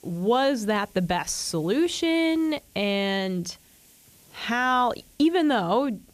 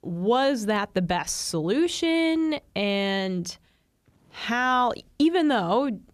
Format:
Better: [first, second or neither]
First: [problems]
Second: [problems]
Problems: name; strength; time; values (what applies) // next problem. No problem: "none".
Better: second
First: hiss; faint; throughout; 30 dB below the speech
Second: none